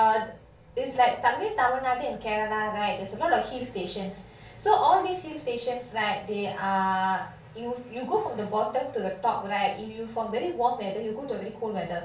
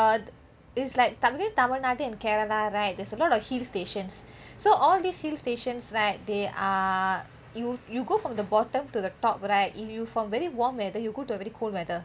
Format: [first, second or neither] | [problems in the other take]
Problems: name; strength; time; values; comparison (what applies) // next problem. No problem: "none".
second | room echo; dies away in 0.4 s